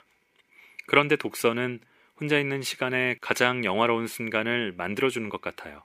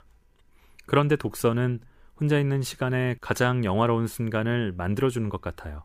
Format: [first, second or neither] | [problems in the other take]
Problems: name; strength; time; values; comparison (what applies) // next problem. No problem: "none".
second | thin; somewhat; fading below 250 Hz